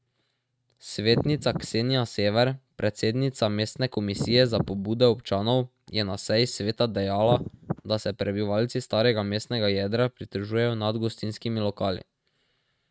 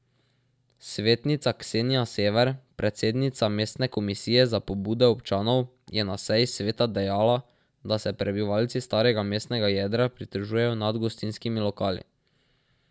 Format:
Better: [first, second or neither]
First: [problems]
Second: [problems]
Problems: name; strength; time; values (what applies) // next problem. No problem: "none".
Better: second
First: noise reduction (neural mask model RNNoise)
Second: none